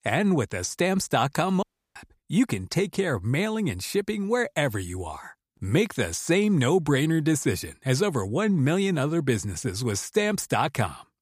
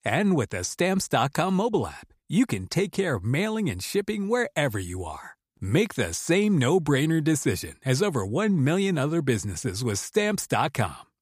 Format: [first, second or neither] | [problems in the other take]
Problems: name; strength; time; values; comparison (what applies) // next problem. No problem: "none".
second | audio cutting out; at 1.5 s